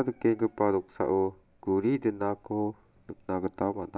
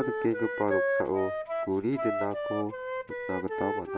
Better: first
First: none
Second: background sound (Wind instrument, woodwind instrument); 1 dB below the speech

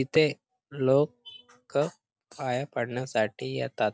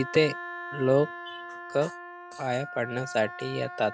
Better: first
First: none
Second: background sound (Wind instrument, woodwind instrument); 11 dB below the speech

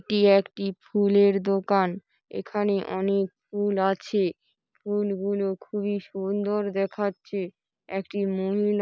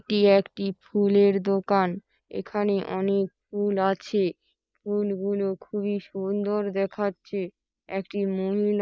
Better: first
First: none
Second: noise reduction (neural mask model Resemble Enhance denoiser)

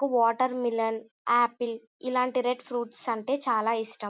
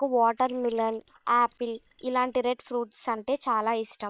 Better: first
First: none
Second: noise reduction (neural separator model SepFormer WHAM!)

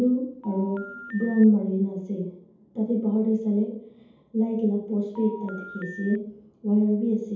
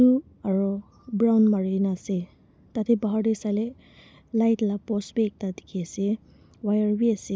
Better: second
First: background sound (Telephone); 17 dB below the speech // room echo; dies away in 0.7 s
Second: none

